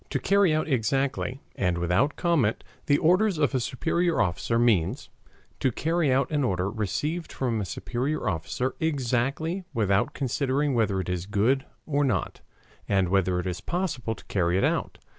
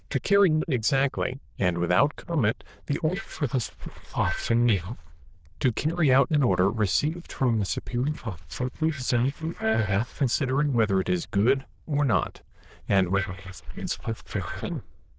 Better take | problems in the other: first | noise reduction (neural diffusion model UNIVERSE++)

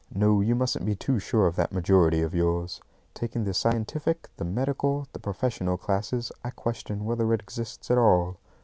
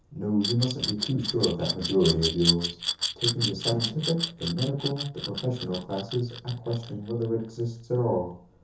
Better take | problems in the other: first | background sound (Glass); 5 dB below the speech // room echo; dies away in 0.6 s

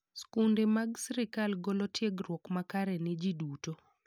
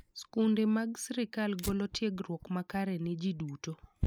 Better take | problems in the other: first | noise reduction (neural mask model Resemble Enhance denoiser)

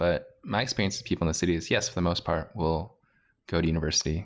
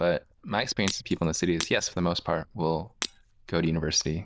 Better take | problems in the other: first | noise reduction (neural diffusion model UNIVERSE++)

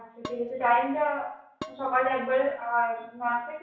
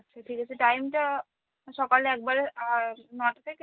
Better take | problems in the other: second | background sound (Dishes, pots, and pans); 18 dB below the speech // room echo; dies away in 0.6 s

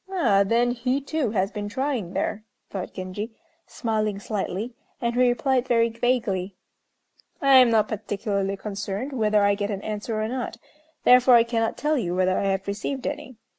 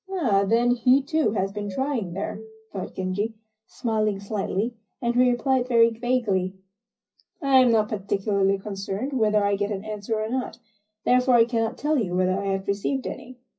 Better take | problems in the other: first | noise reduction (classical method WPE with log-MMSE)

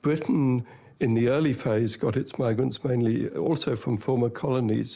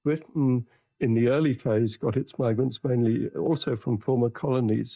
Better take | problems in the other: first | noise reduction (neural mask model DeepFilterNet 3)

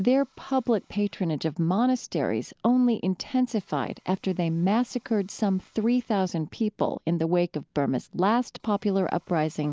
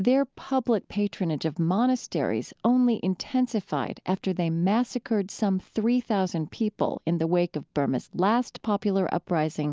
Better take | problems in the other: second | noise reduction (neural mask model Resemble Enhance denoiser)

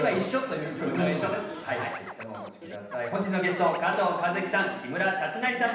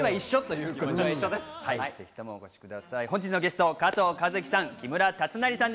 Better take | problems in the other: second | background sound (Scratching (performance technique)); 17 dB below the speech // room echo; dies away in 0.9 s

